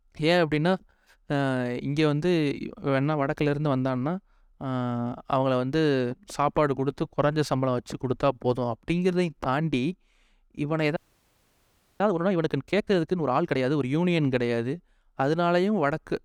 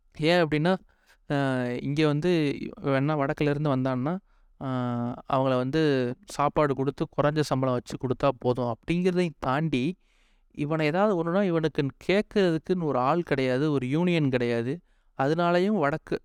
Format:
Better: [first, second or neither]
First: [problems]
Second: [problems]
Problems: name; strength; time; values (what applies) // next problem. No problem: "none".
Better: second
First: audio freezing; at 11 s for 1 s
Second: none